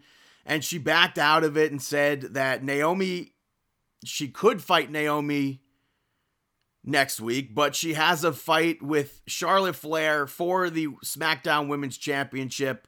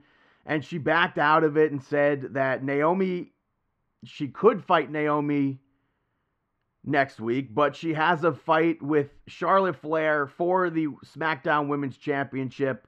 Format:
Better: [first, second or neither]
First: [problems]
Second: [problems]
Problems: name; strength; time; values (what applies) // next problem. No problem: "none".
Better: first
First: none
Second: muffled; very; fading above 1.5 kHz